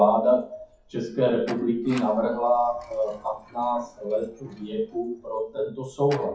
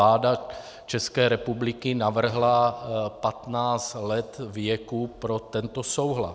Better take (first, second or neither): second